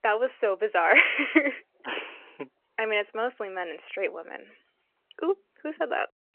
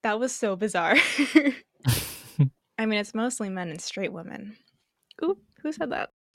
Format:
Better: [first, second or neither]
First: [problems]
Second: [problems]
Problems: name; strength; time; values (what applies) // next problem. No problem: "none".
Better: second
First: phone-call audio; nothing above 3 kHz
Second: none